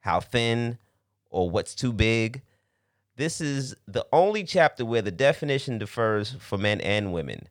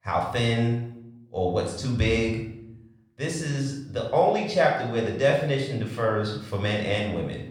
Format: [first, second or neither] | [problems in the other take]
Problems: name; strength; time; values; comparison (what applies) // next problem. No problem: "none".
first | off-mic speech; somewhat distant // room echo; noticeable; dies away in 0.6 s